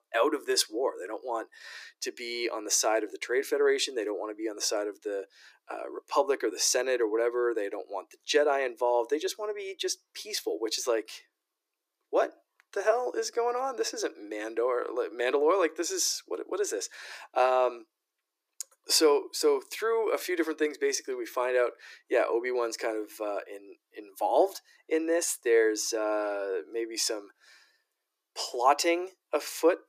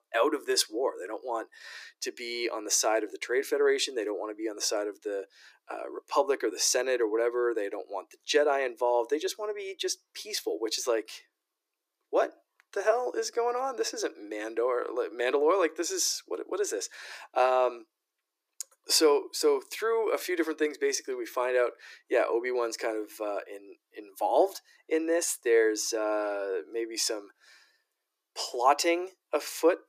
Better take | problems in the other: neither | thin; very; fading below 300 Hz; the same in both

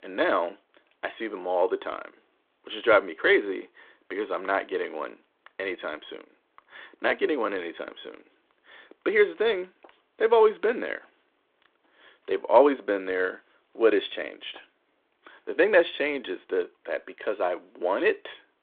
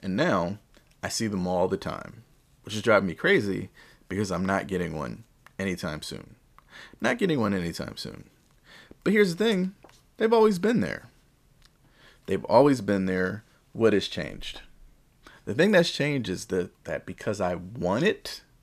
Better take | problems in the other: second | phone-call audio; nothing above 3.5 kHz

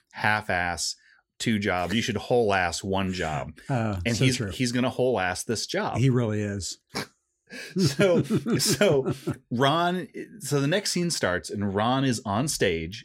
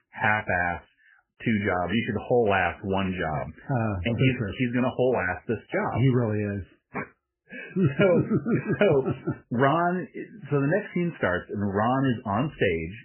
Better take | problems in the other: first | garbled, watery; badly; nothing above 3 kHz

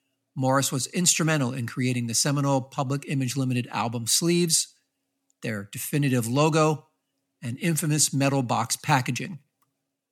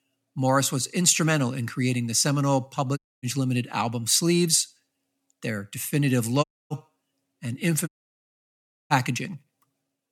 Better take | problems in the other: first | audio cutting out; at 3 s, at 6.5 s and at 8 s for 1 s

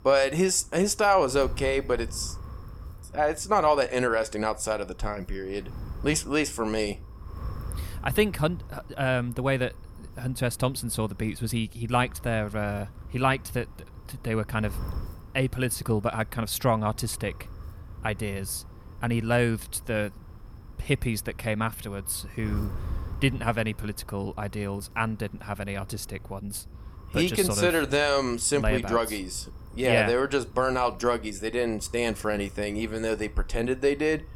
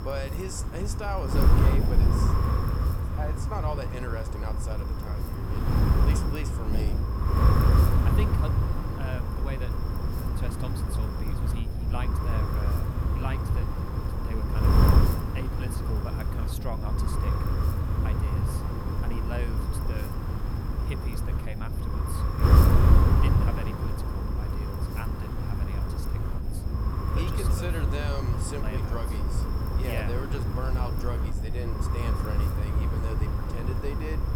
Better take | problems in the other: first | wind noise on the microphone; heavy; 4 dB above the speech; occasional gusts in the first

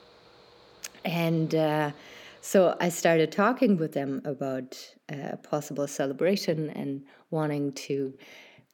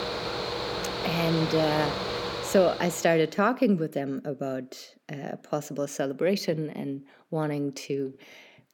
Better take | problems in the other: first | machinery noise; loud; until 3 s; 3 dB below the speech; faint in the first

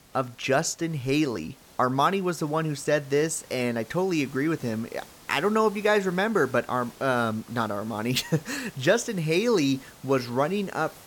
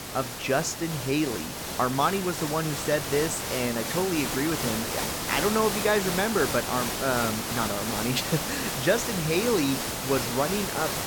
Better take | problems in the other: first | hiss; loud; throughout; 2 dB below the speech; faint in the first

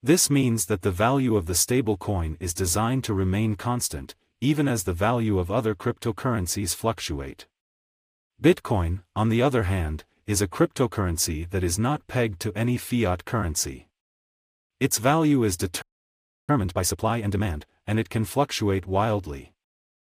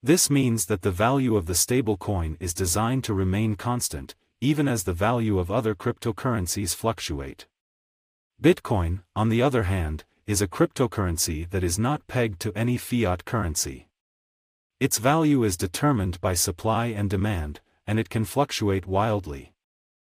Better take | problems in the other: second | audio freezing; at 16 s for 0.5 s

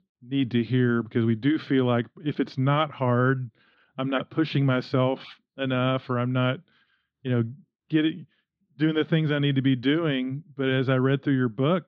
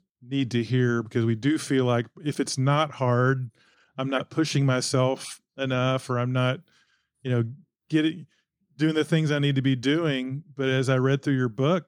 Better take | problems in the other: second | muffled; slightly; fading above 3.5 kHz

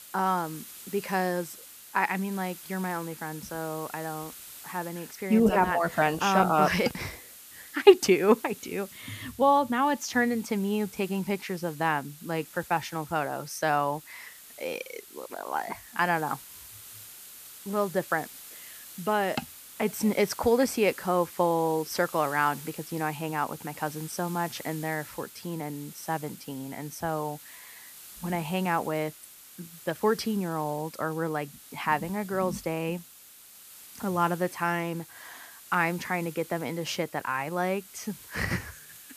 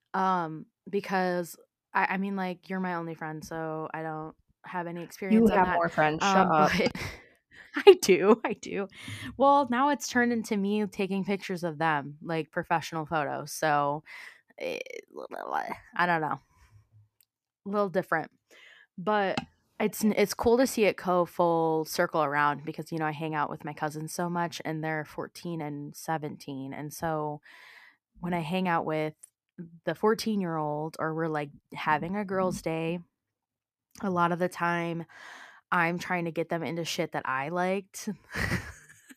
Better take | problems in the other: second | hiss; noticeable; throughout; 15 dB below the speech

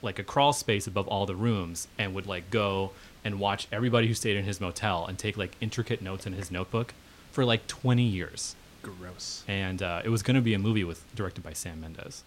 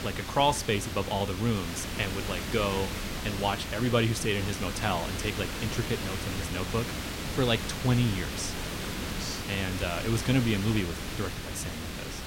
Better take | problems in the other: first | hiss; loud; throughout; 4 dB below the speech; faint in the first

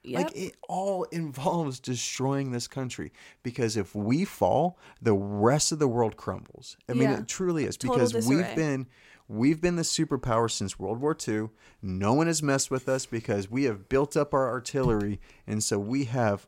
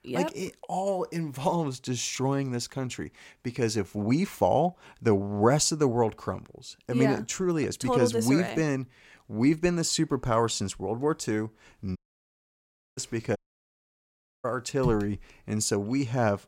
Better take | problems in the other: first | audio cutting out; at 12 s for 1 s and at 13 s for 1 s

